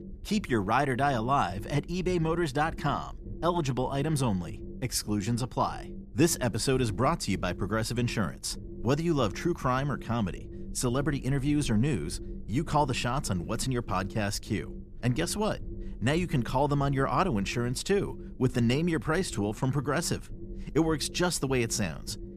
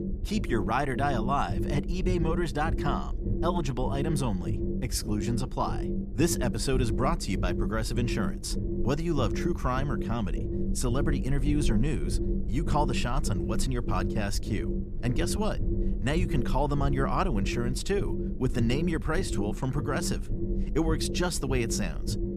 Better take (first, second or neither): first